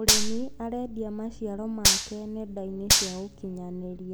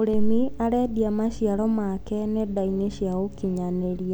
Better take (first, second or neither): second